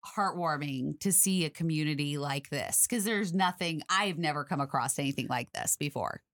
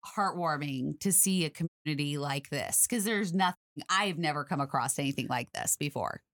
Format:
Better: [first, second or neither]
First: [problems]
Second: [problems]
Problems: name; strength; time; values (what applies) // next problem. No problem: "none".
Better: first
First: none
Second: audio cutting out; at 1.5 s and at 3.5 s